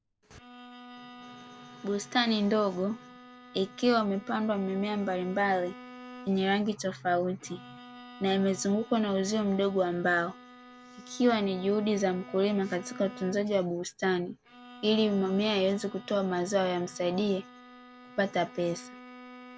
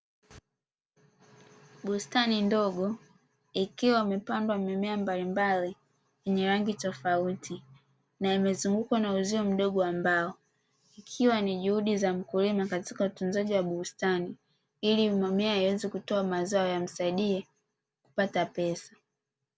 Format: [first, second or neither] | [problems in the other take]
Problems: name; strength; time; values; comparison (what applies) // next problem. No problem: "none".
second | background sound (Bowed string instrument); 19 dB below the speech